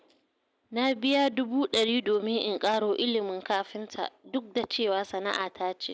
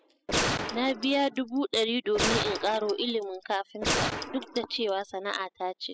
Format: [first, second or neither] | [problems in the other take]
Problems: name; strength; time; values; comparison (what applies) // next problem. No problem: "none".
first | noise reduction (classical method spectral subtraction)